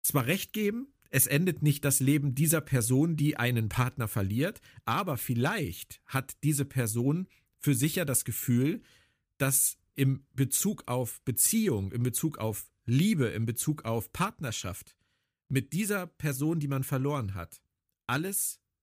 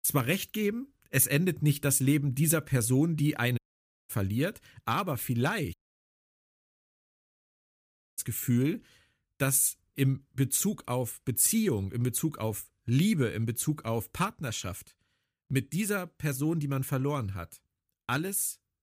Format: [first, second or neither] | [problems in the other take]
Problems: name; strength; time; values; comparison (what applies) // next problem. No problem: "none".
first | audio cutting out; at 3.5 s for 0.5 s and at 5.5 s for 2.5 s